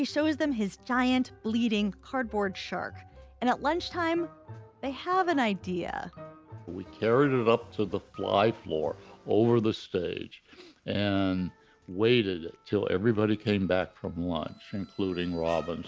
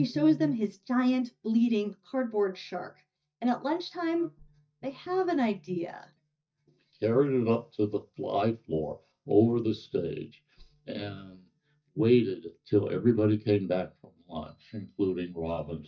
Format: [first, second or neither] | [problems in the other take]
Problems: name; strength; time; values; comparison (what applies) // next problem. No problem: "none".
first | noise reduction (neural mask model DeepFilterNet 3)